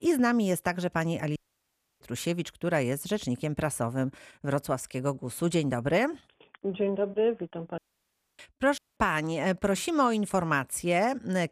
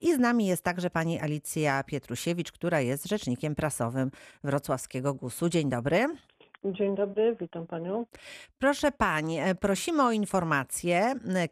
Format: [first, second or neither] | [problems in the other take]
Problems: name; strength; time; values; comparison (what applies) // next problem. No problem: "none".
second | audio cutting out; at 1.5 s for 0.5 s, at 8 s for 0.5 s and at 9 s